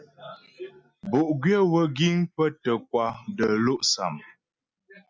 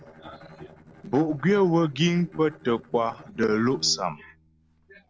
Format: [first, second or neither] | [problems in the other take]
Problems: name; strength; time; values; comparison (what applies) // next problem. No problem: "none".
first | noise reduction (neural separator model SepFormer DNS4)